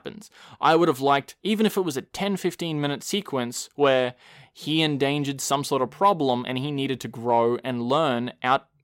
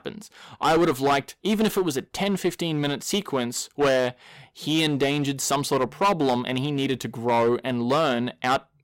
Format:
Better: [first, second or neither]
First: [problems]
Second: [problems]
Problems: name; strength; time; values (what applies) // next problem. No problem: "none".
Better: first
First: none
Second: distortion; slight; 8% of the sound clipped